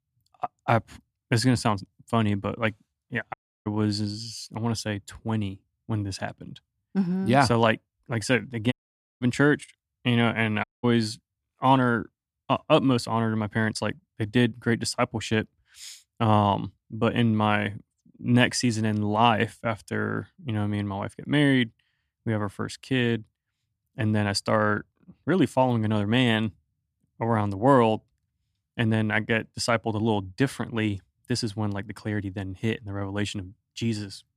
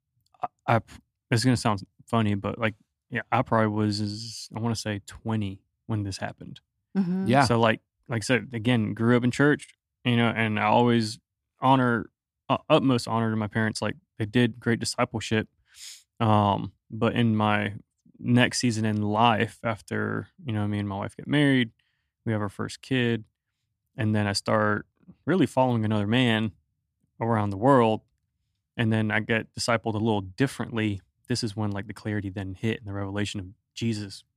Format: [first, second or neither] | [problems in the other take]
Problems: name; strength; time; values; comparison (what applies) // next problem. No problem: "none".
second | audio cutting out; at 3.5 s, at 8.5 s and at 11 s